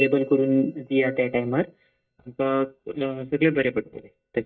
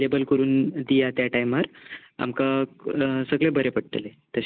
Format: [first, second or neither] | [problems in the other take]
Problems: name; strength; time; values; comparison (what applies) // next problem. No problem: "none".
second | noise reduction (neural mask model DeepFilterNet 3)